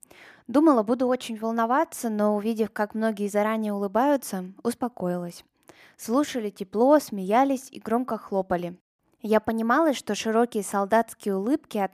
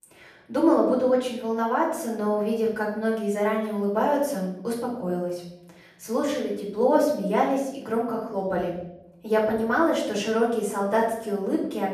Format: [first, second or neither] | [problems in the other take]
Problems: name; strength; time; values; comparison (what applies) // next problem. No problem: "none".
first | off-mic speech; far // room echo; noticeable; dies away in 0.8 s